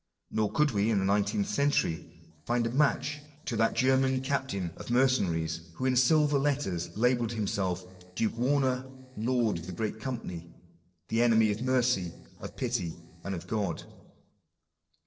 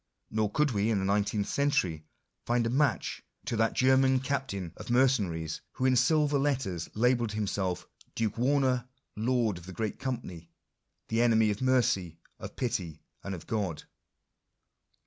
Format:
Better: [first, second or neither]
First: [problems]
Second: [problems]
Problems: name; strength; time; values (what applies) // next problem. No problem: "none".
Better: second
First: noise reduction (neural separator model SepFormer DNS4)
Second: none